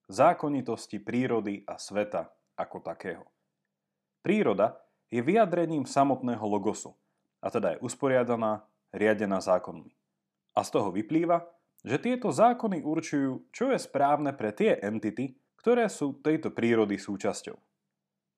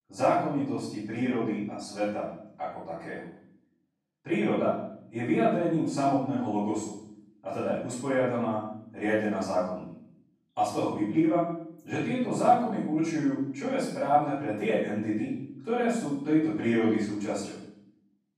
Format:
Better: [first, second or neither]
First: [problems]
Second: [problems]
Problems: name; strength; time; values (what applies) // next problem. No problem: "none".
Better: first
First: none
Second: room echo; noticeable; dies away in 0.6 s // off-mic speech; far